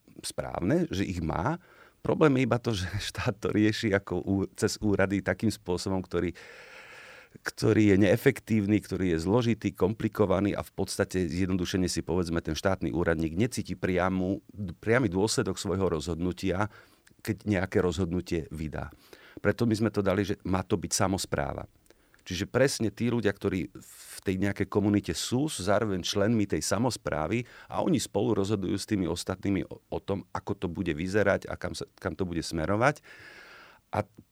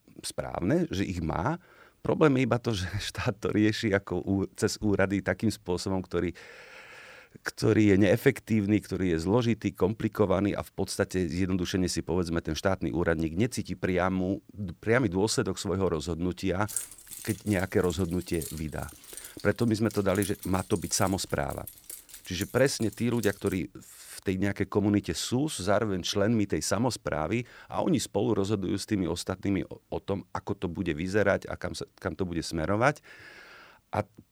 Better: first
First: none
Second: jangling keys; noticeable; from 17 to 24 s; peak 5 dB below the speech

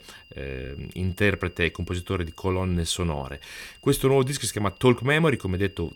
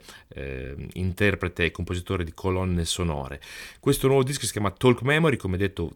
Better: second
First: high-pitched whine; faint; throughout; 3 kHz, 25 dB below the speech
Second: none

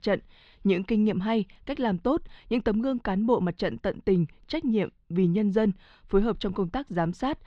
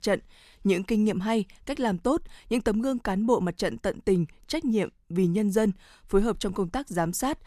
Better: second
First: muffled; slightly; fading above 4 kHz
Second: none

